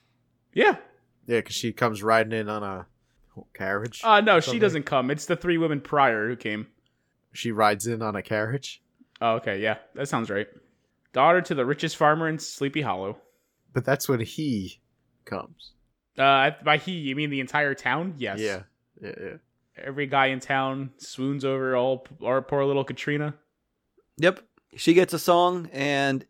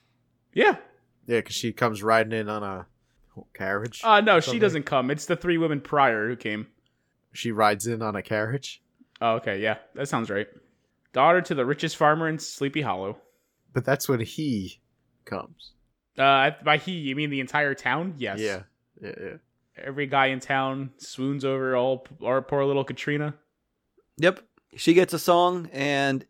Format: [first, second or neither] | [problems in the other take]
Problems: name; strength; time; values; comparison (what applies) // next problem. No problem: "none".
neither | none